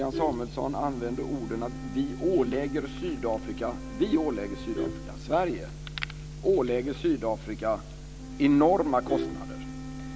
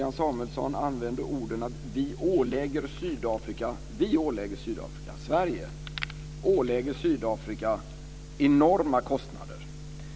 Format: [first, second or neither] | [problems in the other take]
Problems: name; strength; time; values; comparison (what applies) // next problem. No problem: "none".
second | background sound (Wind instrument, woodwind instrument + Vehicle horn, car horn, honking); 11 dB below the speech